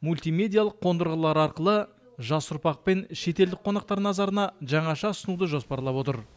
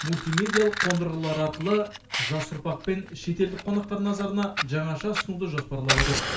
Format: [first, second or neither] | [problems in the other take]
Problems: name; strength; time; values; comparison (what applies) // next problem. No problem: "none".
first | background sound (Fire); 4 dB below the speech // room echo; dies away in 0.3 s